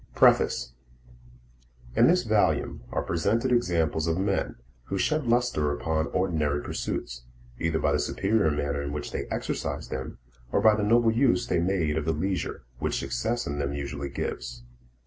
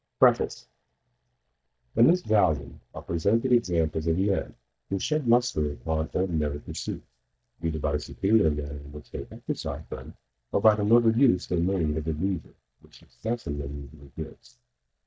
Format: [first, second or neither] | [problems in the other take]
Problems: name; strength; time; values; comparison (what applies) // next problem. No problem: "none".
first | noise reduction (neural mask model DeepFilterNet 3)